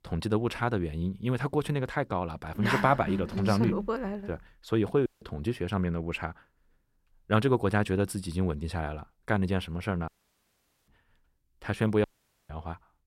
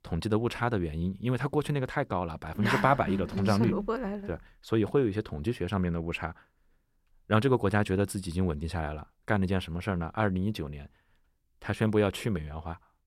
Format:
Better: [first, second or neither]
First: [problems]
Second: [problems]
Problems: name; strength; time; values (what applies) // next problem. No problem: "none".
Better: second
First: audio cutting out; at 5 s, at 10 s for 1 s and at 12 s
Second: none